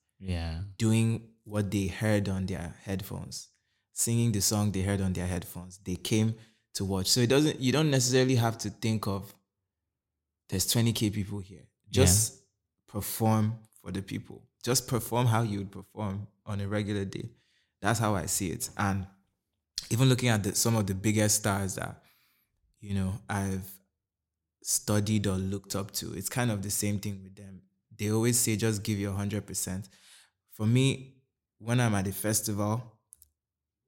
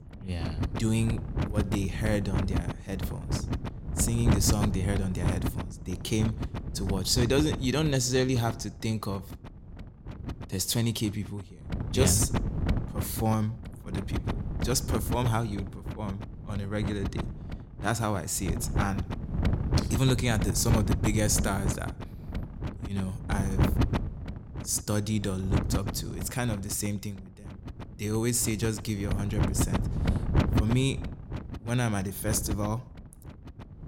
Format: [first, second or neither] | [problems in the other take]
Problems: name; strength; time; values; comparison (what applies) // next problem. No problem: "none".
first | wind noise on the microphone; heavy; 7 dB below the speech